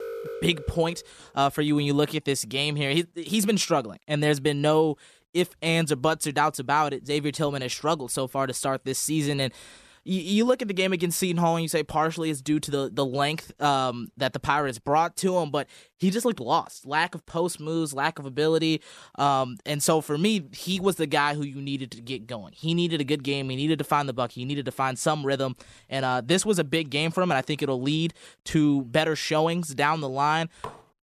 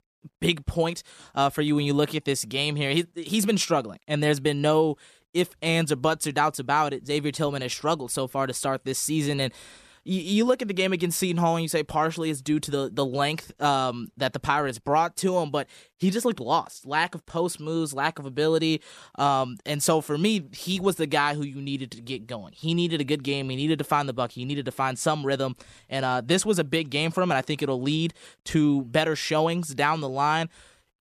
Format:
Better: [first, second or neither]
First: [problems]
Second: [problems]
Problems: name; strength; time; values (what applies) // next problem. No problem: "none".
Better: second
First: alarm; noticeable; until 1 s; peak 9 dB below the speech // clattering dishes; faint; at 30 s; peak 15 dB below the speech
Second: none